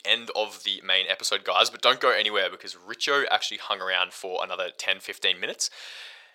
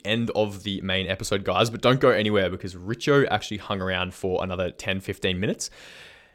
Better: second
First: thin; very; fading below 800 Hz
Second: none

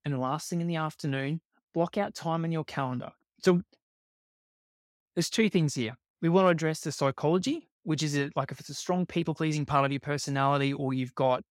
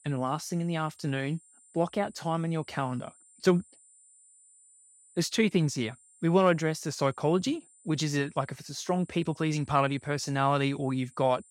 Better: first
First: none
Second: high-pitched whine; faint; throughout; 9 kHz, 25 dB below the speech

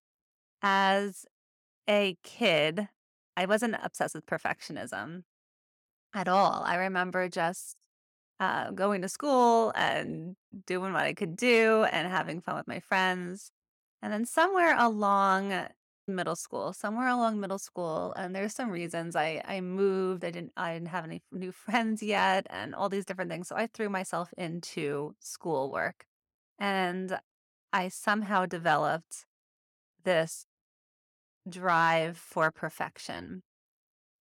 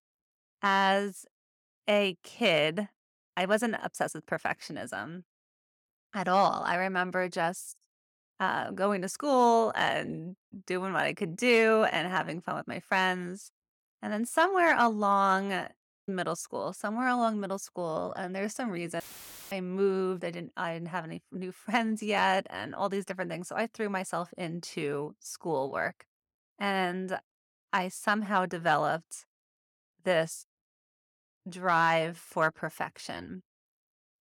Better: first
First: none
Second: audio cutting out; filled with static; at 19 s for 0.5 s

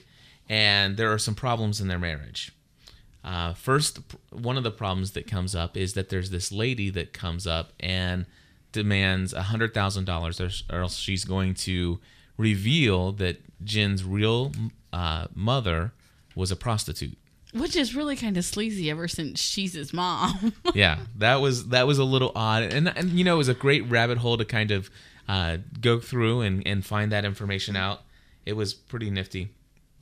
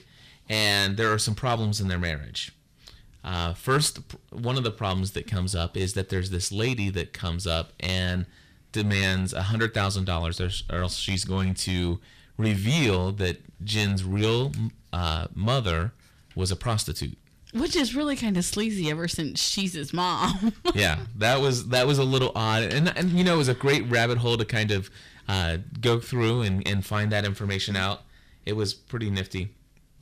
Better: first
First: none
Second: distortion; slight; 5% of the sound clipped

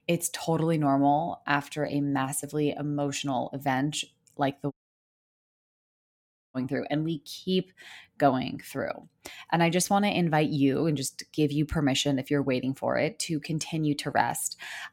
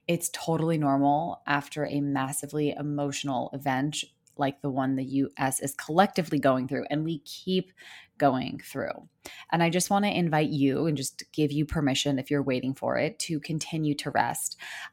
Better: second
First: audio cutting out; at 4.5 s for 2 s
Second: none

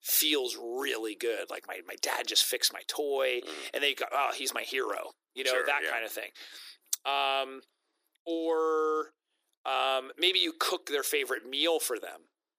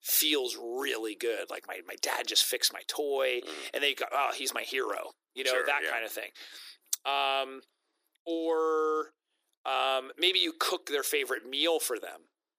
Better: neither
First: thin; very; fading below 300 Hz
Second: thin; very; fading below 300 Hz

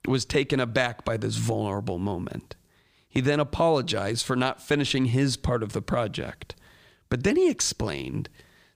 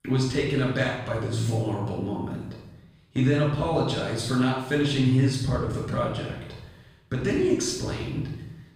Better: first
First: none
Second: off-mic speech; far // room echo; noticeable; dies away in 0.8 s

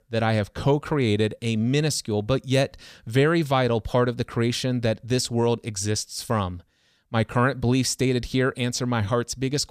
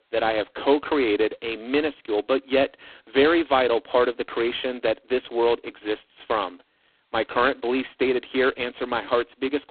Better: first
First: none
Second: phone-call audio; poor line; nothing above 4 kHz

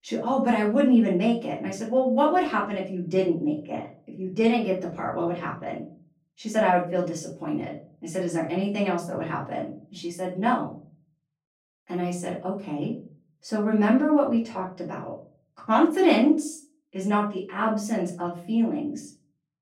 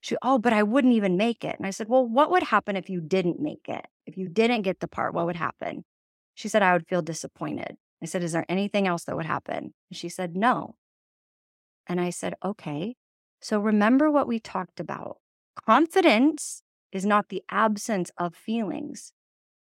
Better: second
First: off-mic speech; far // room echo; slight; dies away in 0.4 s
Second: none

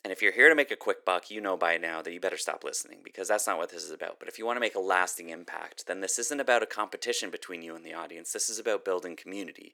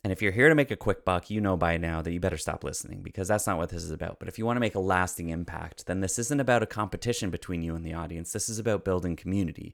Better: second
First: thin; very; fading below 350 Hz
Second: none

